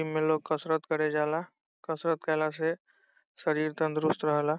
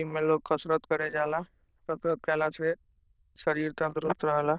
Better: first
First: none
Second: noise reduction (neural diffusion model UNIVERSE++)

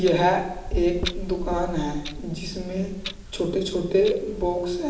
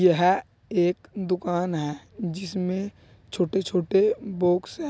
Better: second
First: background sound (Clock); 8 dB below the speech // room echo; dies away in 0.8 s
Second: none

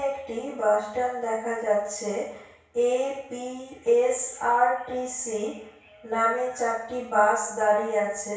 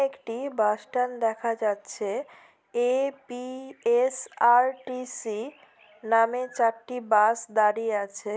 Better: second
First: room echo; dies away in 0.6 s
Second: none

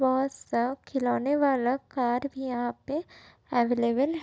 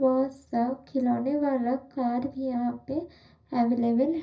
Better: first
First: none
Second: room echo; dies away in 0.4 s

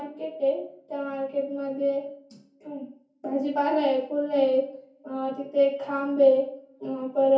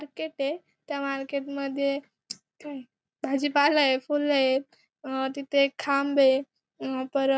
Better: second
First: room echo; dies away in 0.6 s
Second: none

